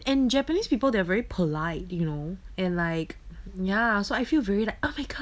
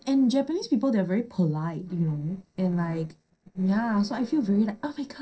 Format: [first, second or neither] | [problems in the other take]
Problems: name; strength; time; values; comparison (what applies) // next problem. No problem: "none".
first | noise reduction (neural separator model SepFormer DNS4)